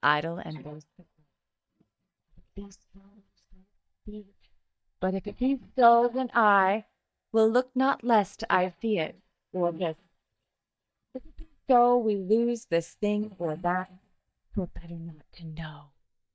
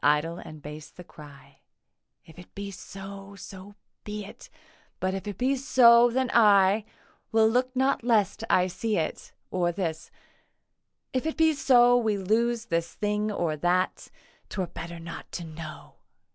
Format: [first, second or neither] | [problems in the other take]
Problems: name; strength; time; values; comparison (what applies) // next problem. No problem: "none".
second | noise reduction (neural mask model DeepFilterNet 3)